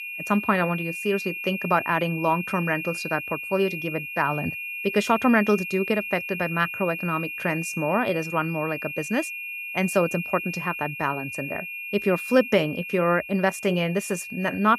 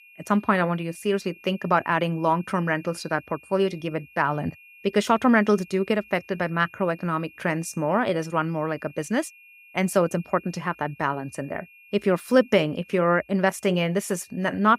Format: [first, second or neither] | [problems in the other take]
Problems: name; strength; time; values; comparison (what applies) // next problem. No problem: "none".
second | high-pitched whine; loud; throughout; 2.5 kHz, 6 dB below the speech; faint in the second